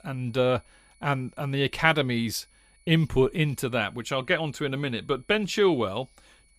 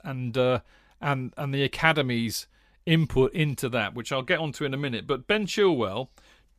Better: second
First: high-pitched whine; faint; throughout; 2 kHz, 35 dB below the speech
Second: none

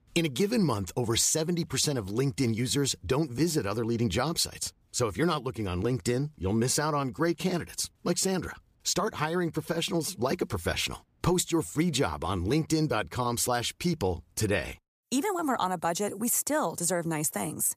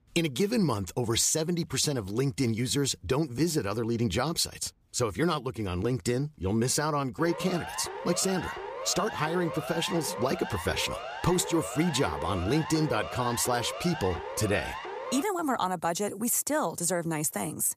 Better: first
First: none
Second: siren; noticeable; from 7 to 15 s; peak 8 dB below the speech

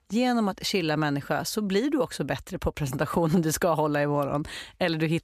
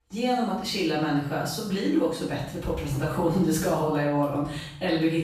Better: first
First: none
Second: room echo; noticeable; dies away in 0.7 s // off-mic speech; far

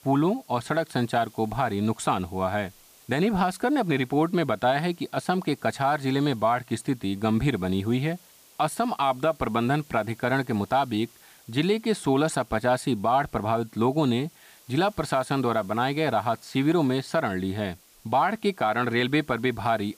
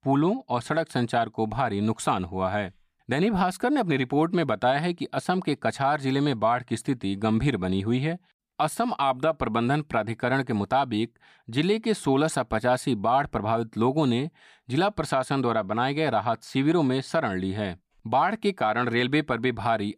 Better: second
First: hiss; faint; throughout; 25 dB below the speech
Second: none

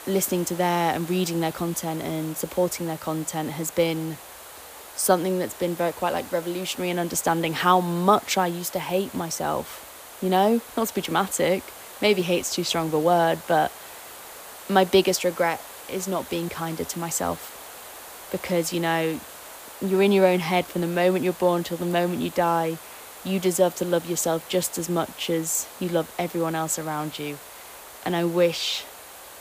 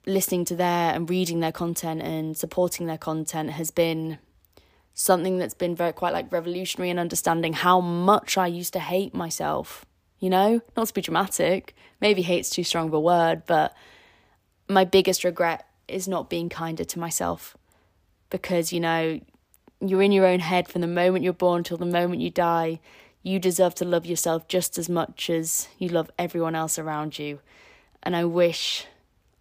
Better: second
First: hiss; noticeable; throughout; 15 dB below the speech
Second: none

